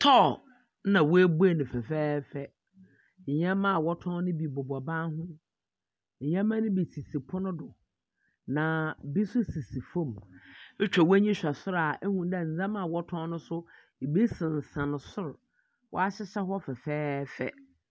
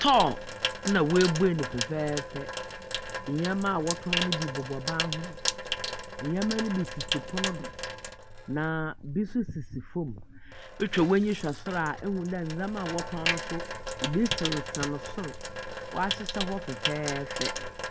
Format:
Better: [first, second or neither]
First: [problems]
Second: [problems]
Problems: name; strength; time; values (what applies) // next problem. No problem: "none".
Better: first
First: none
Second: background sound (Sink (filling or washing) / Water tap, faucet); 5 dB below the speech